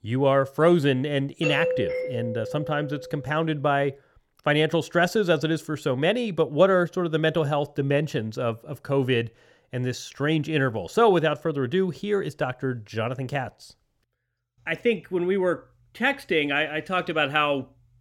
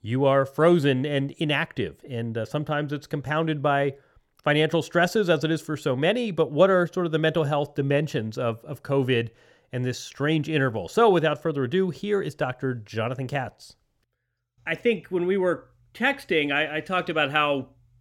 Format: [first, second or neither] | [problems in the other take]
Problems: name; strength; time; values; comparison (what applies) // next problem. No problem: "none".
second | doorbell; noticeable; from 1.5 to 3 s; peak level with the speech